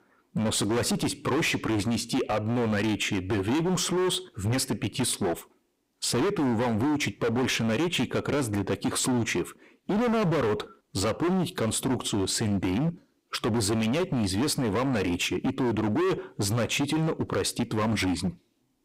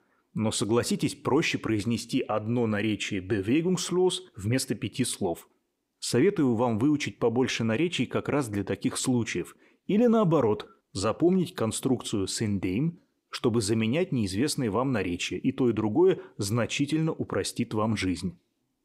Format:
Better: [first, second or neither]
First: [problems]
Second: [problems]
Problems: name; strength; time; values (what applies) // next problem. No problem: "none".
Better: second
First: distortion; heavy; 26% of the sound clipped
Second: none